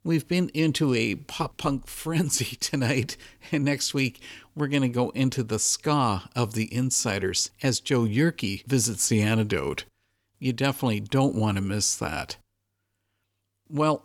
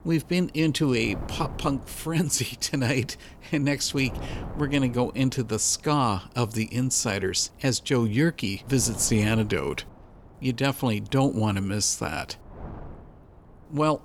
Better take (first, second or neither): first